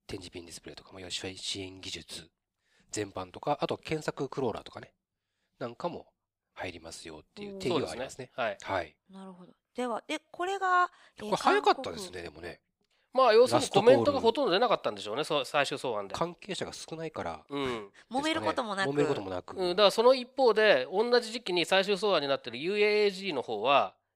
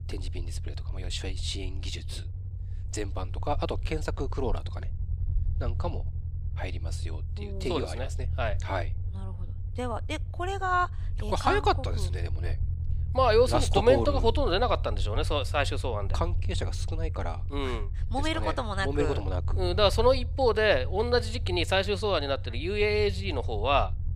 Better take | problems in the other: first | low rumble; faint; throughout; 25 dB below the speech

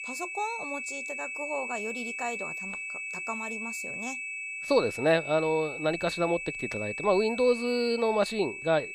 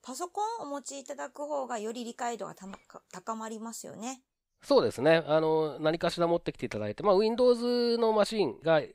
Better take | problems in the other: second | high-pitched whine; loud; throughout; 2.5 kHz, 5 dB below the speech

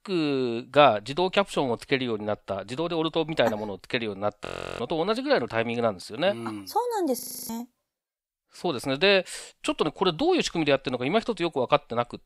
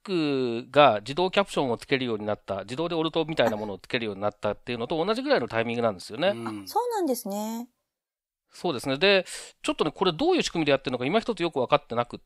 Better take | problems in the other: second | audio freezing; at 4.5 s and at 7 s

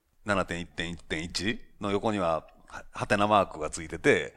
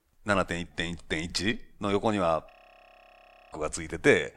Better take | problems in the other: first | audio freezing; at 2.5 s for 1 s

